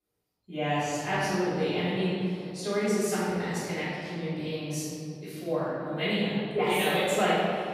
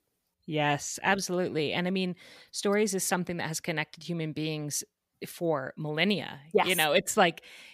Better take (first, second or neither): second